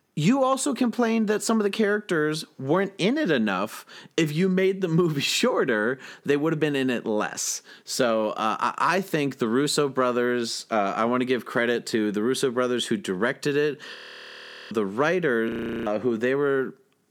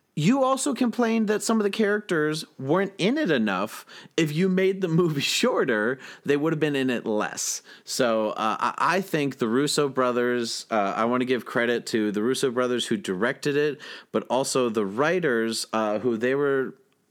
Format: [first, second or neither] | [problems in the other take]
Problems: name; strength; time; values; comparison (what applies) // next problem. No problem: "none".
second | audio freezing; at 14 s for 1 s and at 15 s